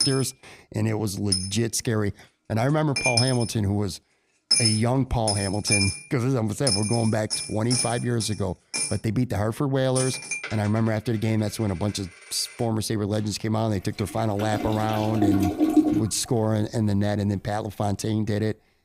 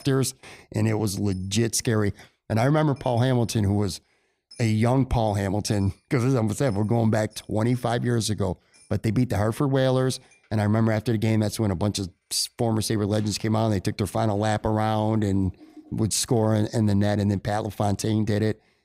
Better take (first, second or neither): second